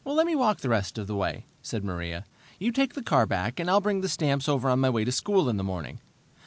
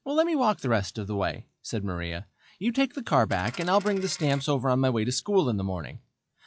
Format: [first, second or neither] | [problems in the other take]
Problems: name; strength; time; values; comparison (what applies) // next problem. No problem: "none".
first | noise reduction (classical method log-MMSE)